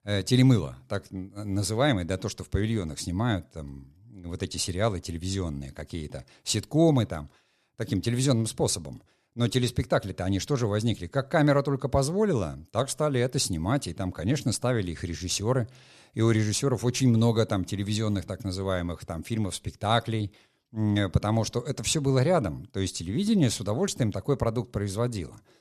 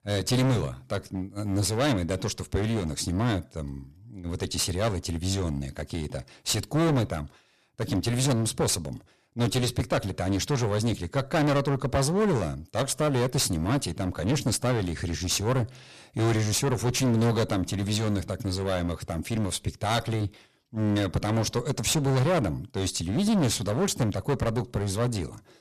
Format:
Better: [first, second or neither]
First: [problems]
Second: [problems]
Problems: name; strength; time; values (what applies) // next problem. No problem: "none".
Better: first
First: none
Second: distortion; heavy; 15% of the sound clipped